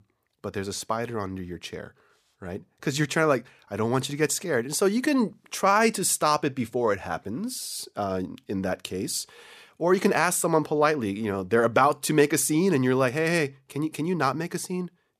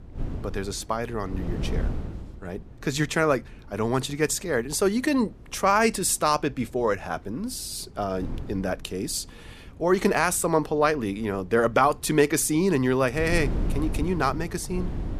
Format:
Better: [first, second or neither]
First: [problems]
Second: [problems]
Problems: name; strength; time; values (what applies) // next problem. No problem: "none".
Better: first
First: none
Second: wind noise on the microphone; occasional gusts; 20 dB below the speech